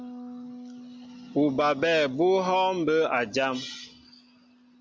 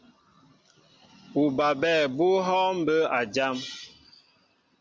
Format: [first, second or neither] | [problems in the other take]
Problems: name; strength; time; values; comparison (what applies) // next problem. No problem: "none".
second | background sound (Bass guitar); 19 dB below the speech